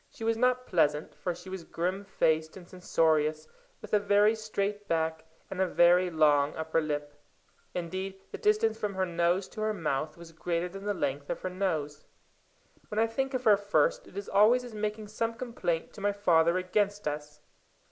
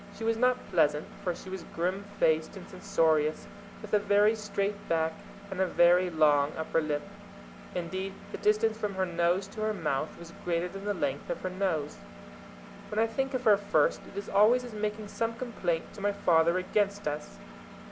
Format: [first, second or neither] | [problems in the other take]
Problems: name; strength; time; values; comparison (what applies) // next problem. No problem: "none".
first | background sound (Engine); 16 dB below the speech